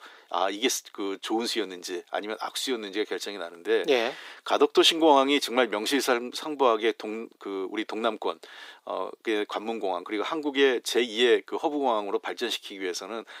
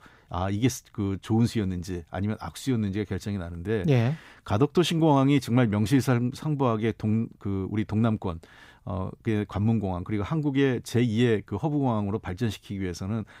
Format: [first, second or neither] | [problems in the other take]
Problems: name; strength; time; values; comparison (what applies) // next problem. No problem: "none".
second | thin; very; fading below 350 Hz